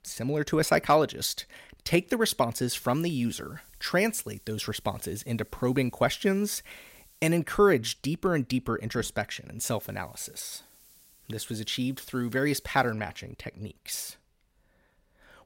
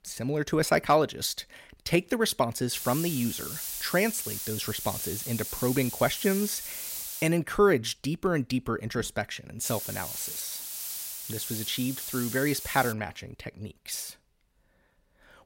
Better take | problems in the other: first | hiss; loud; from 2.5 to 7 s and from 9.5 to 13 s; 5 dB below the speech; faint in the first

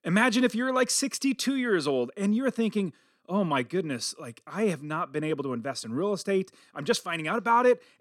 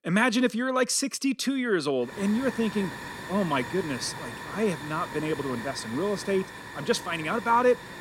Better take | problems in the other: first | hiss; noticeable; from 2 s on; 10 dB below the speech

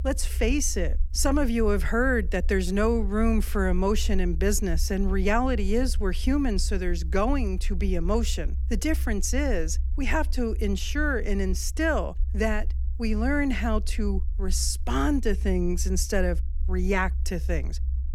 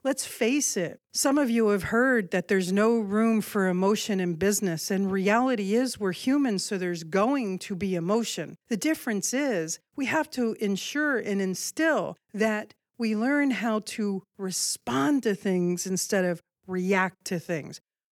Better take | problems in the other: second | low rumble; faint; throughout; 25 dB below the speech

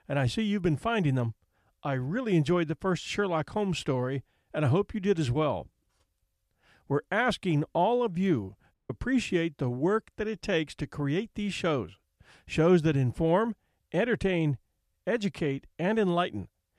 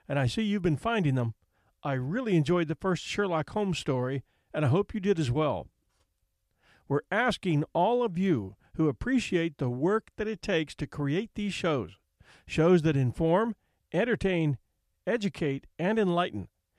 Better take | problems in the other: second | audio cutting out; at 8.5 s

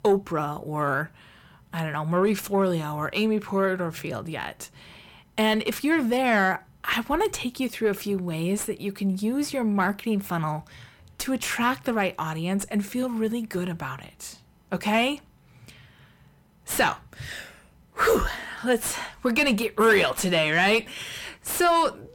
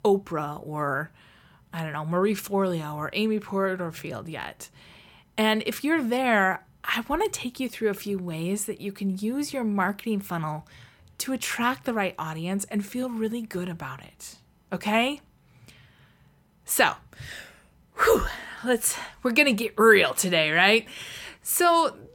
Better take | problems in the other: second | distortion; slight; 10 dB below the speech

